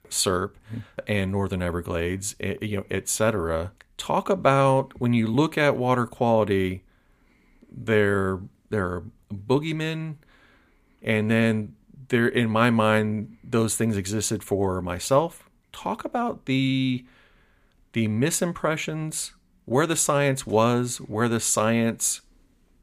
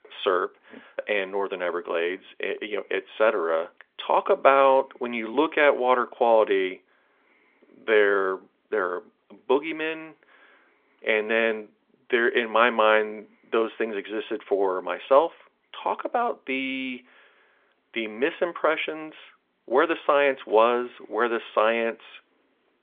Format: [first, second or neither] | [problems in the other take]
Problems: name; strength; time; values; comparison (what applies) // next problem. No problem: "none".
first | phone-call audio; nothing above 3.5 kHz